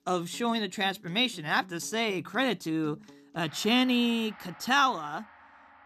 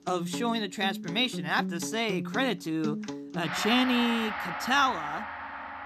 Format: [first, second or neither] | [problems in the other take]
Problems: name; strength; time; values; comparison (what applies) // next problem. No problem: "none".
first | background music; loud; throughout; 7 dB below the speech; faint in the first